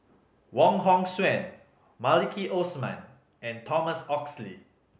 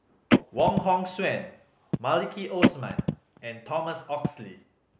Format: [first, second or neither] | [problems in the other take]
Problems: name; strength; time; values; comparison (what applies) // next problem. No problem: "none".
first | background sound (Telephone); 1 dB above the speech